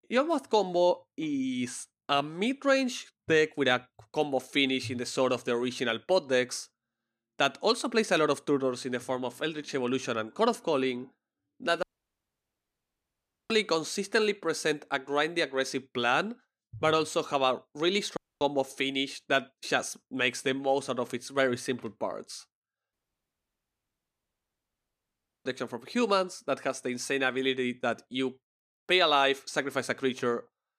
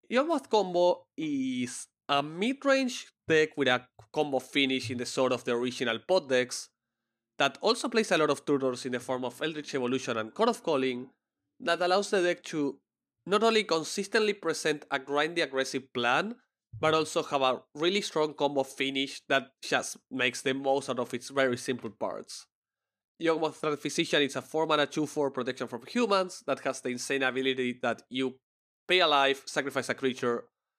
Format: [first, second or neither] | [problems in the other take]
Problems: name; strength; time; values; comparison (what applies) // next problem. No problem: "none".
second | audio cutting out; at 12 s for 1.5 s, at 18 s and at 23 s for 2.5 s